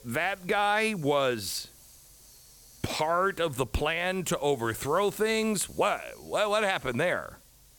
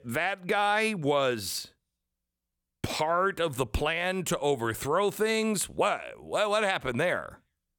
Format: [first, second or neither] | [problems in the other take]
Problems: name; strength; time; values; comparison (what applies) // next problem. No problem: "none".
second | hiss; faint; throughout; 25 dB below the speech